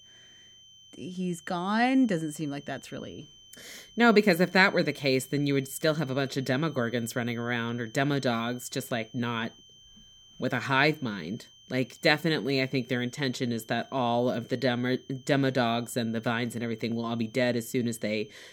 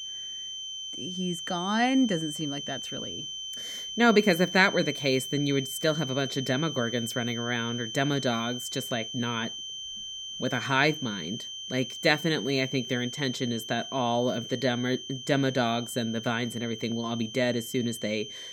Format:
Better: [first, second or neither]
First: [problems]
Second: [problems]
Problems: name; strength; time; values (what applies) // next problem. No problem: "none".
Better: first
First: high-pitched whine; faint; throughout; 3 kHz, 25 dB below the speech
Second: high-pitched whine; loud; throughout; 3 kHz, 8 dB below the speech